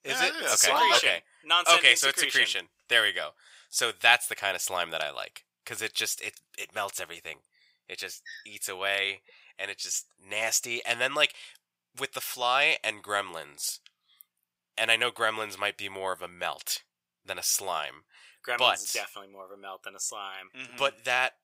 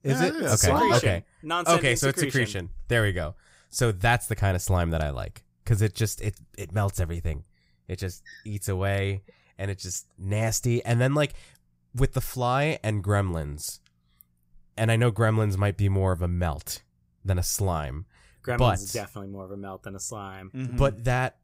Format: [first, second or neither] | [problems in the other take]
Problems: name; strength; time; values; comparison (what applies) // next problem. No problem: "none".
second | thin; very; fading below 750 Hz